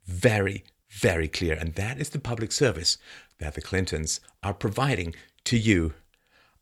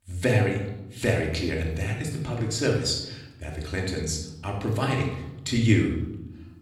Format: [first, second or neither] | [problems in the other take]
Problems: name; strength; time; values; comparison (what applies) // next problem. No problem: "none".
first | room echo; noticeable; dies away in 0.8 s // off-mic speech; somewhat distant